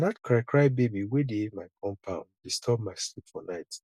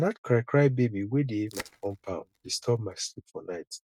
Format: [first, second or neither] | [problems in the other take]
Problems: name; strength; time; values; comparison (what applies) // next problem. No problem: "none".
first | noise reduction (neural mask model RNNoise)